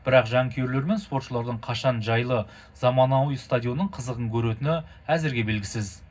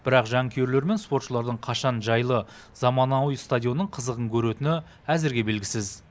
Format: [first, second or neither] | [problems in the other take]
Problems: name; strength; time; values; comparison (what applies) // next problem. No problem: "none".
second | room echo; dies away in 0.4 s